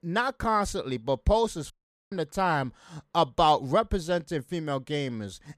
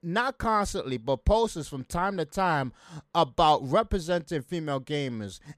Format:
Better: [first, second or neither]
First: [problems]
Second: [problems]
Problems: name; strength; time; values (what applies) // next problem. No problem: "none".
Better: second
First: audio cutting out; at 1.5 s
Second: none